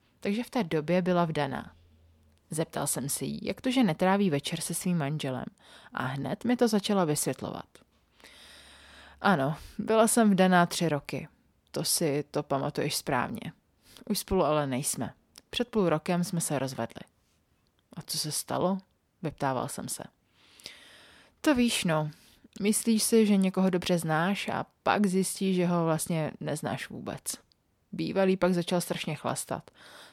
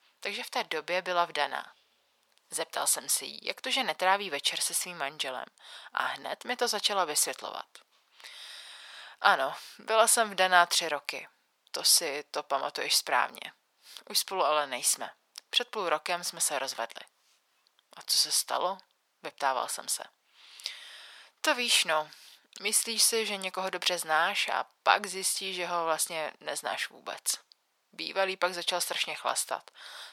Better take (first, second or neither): first